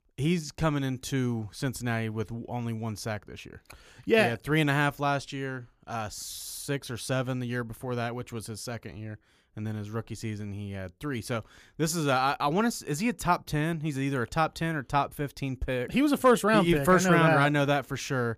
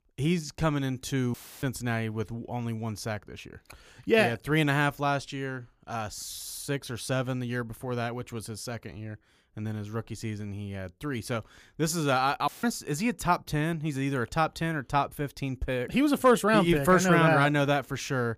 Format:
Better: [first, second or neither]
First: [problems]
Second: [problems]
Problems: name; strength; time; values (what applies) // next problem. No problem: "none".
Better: first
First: none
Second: audio cutting out; filled with static; at 1.5 s and at 12 s